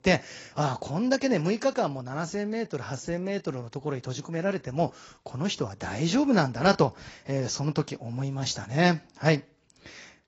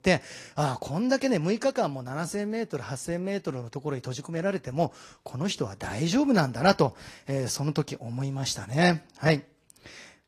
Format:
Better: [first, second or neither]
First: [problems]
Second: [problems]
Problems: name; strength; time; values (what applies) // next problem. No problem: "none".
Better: second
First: garbled, watery; badly; nothing above 7.5 kHz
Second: garbled, watery; slightly; nothing above 13.5 kHz